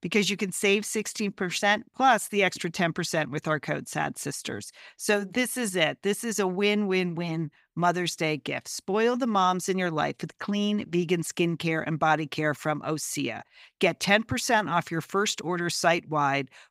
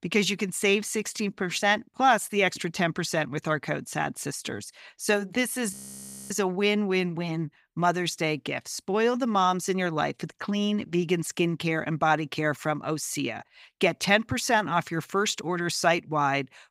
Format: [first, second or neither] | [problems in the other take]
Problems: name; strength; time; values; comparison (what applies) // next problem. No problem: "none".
first | audio freezing; at 5.5 s for 0.5 s